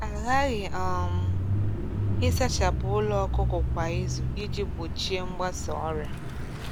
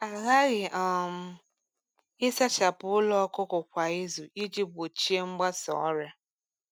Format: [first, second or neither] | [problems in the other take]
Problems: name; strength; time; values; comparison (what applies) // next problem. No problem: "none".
second | background sound (Mechanisms / Bicycle); 4 dB above the speech